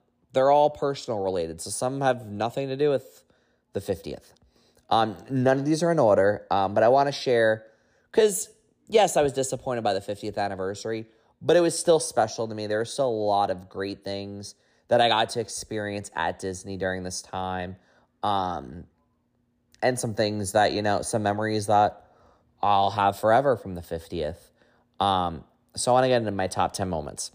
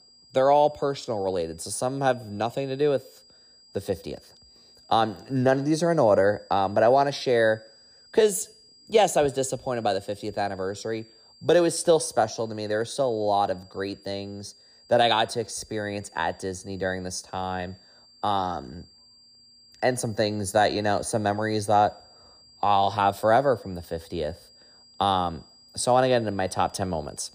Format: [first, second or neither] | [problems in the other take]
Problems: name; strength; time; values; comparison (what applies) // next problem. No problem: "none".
first | high-pitched whine; faint; throughout; 4.5 kHz, 25 dB below the speech